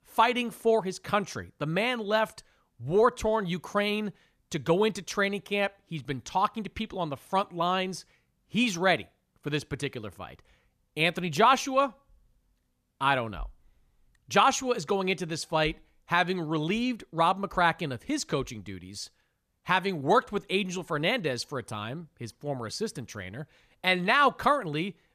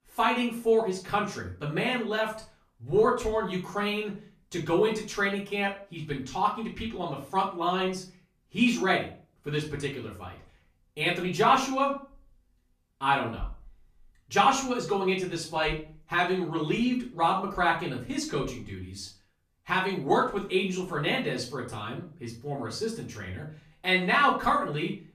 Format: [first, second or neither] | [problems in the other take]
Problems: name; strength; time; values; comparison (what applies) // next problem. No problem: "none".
first | off-mic speech; far // room echo; slight; dies away in 0.3 s